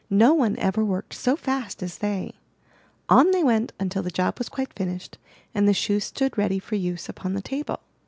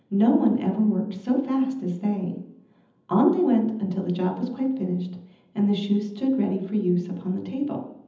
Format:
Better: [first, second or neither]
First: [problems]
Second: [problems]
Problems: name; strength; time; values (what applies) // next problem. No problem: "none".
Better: first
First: none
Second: room echo; dies away in 0.8 s